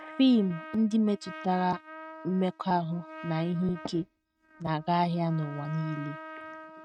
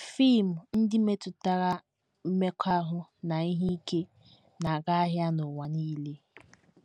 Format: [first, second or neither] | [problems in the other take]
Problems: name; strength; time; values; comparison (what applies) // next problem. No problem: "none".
second | noise reduction (neural mask model RNNoise)